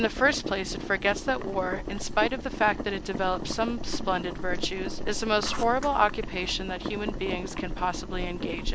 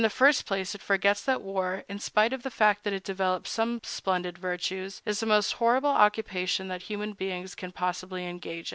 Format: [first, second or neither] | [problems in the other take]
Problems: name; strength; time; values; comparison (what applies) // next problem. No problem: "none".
second | background sound (Boiling); 4 dB below the speech